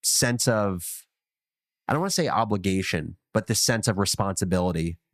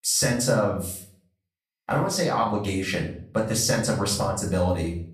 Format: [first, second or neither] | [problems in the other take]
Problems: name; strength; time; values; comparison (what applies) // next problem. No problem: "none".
first | off-mic speech; far // room echo; slight; dies away in 0.4 s